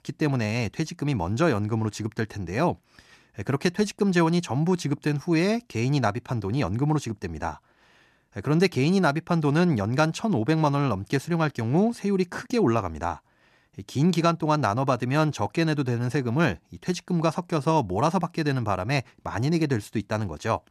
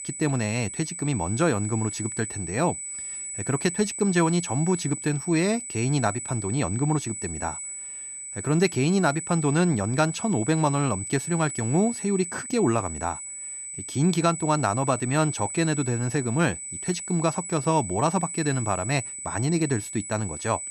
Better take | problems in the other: first | high-pitched whine; loud; throughout; 8 kHz, 7 dB below the speech

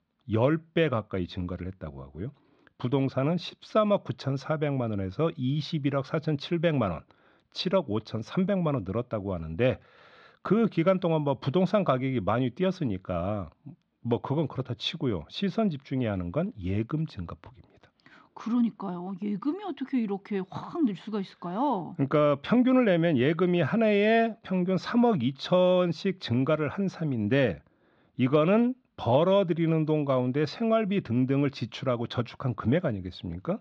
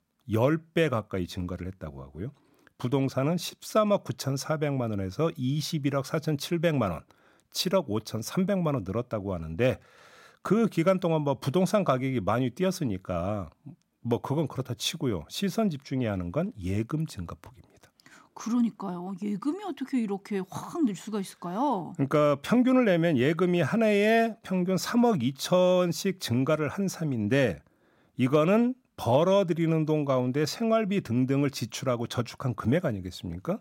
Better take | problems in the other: second | muffled; slightly; fading above 4 kHz

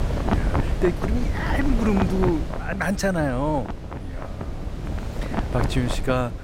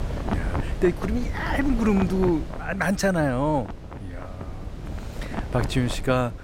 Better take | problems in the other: second | wind noise on the microphone; heavy; 6 dB below the speech; occasional gusts in the second

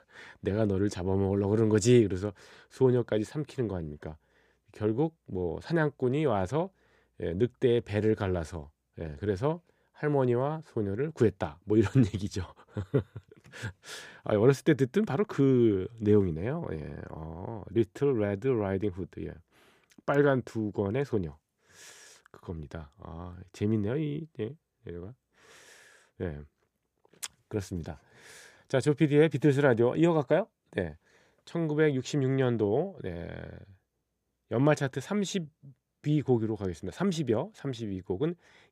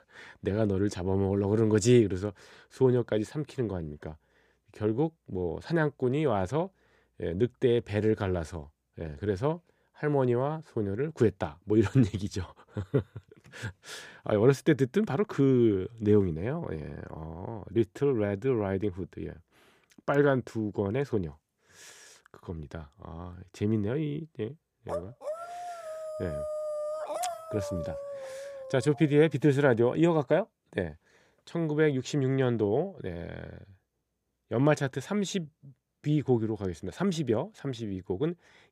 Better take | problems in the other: first | dog barking; noticeable; from 25 to 29 s; peak 5 dB below the speech

